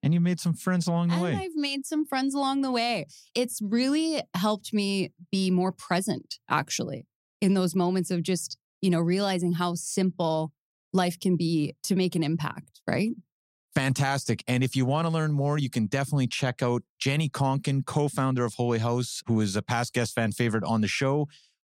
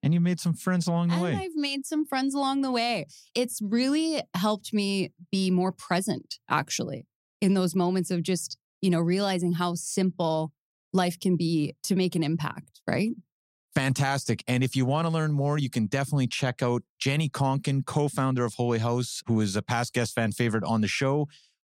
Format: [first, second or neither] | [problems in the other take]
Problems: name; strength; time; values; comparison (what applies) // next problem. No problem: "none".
neither | none